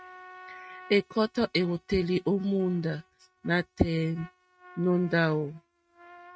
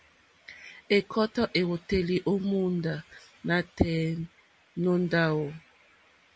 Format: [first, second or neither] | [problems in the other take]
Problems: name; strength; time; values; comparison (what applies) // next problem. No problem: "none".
second | noise reduction (neural mask model RNNoise)